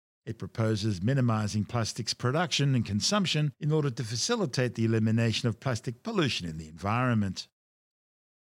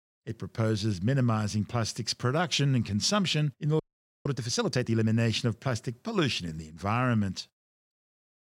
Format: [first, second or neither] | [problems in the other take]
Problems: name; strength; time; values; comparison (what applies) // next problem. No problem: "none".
first | audio freezing; at 4 s